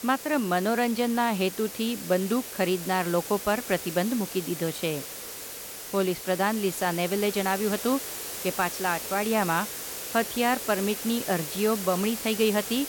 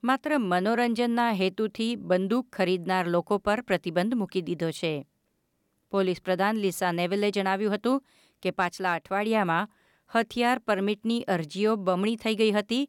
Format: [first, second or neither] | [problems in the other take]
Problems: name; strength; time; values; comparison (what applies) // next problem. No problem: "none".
second | hiss; loud; throughout; 7 dB below the speech